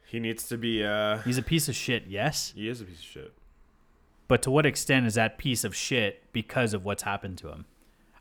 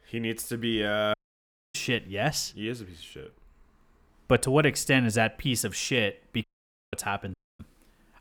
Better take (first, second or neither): first